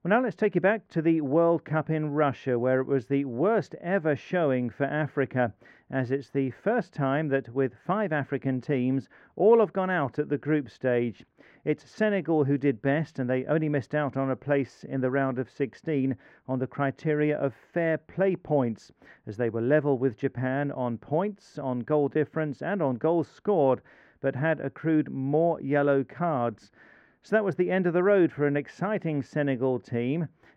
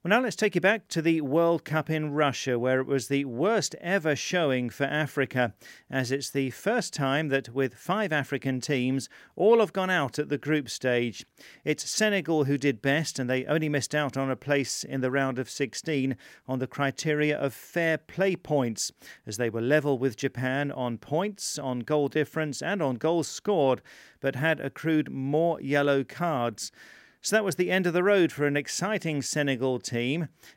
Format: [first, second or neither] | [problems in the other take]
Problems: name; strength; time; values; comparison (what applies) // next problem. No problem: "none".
second | muffled; very; fading above 3.5 kHz